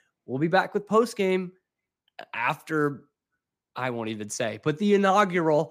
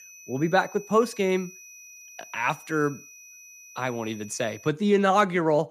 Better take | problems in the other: first | high-pitched whine; noticeable; until 4.5 s; 6 kHz, 20 dB below the speech

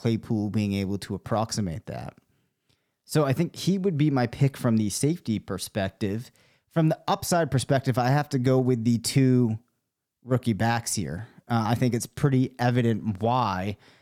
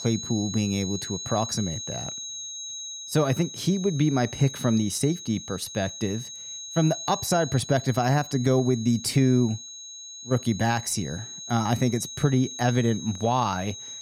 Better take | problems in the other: first | high-pitched whine; loud; throughout; 6.5 kHz, 10 dB below the speech

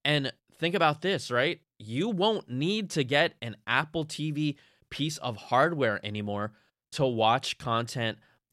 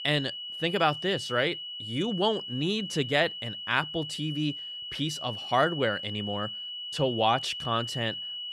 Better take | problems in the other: first | high-pitched whine; loud; throughout; 3 kHz, 6 dB below the speech

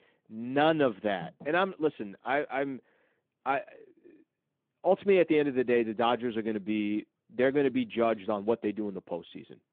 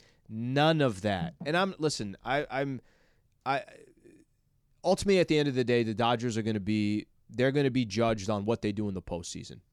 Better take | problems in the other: second | phone-call audio

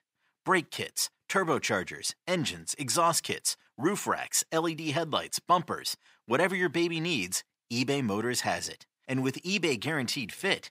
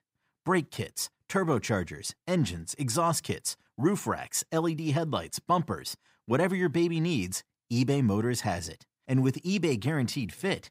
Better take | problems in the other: second | thin; very slightly; fading below 400 Hz

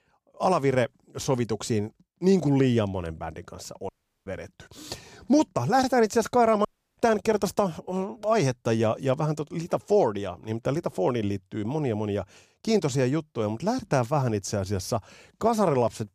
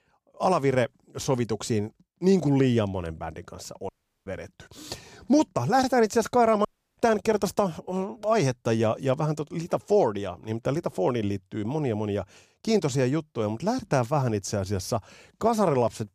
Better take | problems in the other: neither | audio cutting out; at 4 s and at 6.5 s; the same in both

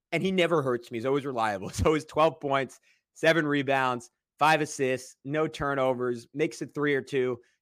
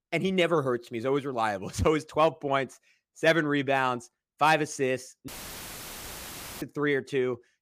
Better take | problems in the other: first | audio cutting out; filled with static; at 5.5 s for 1.5 s

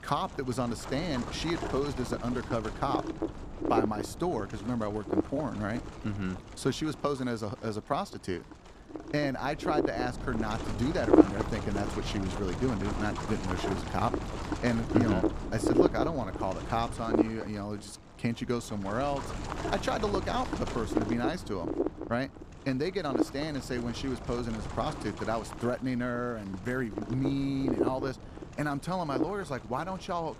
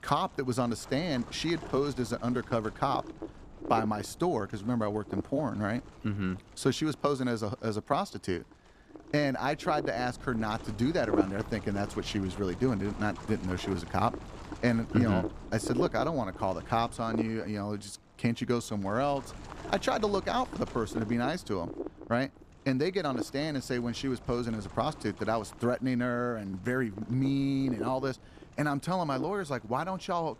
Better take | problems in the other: second | wind noise on the microphone; heavy; 1 dB below the speech; occasional gusts in the second

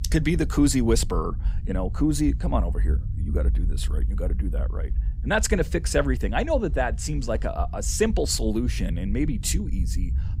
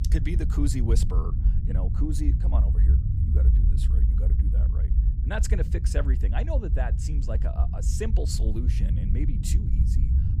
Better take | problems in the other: first | low rumble; loud; throughout; 5 dB below the speech; faint in the first

